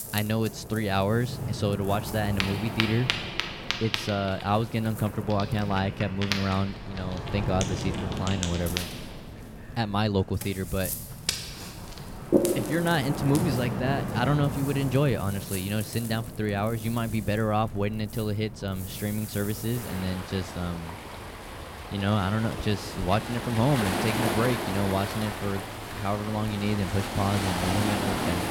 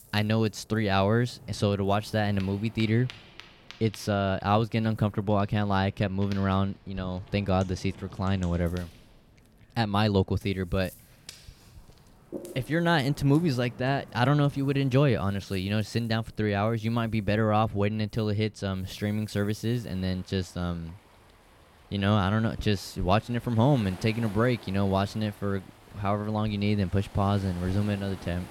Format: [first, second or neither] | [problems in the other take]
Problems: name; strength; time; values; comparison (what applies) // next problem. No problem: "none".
second | rain or running water; loud; throughout; 4 dB below the speech; faint in the second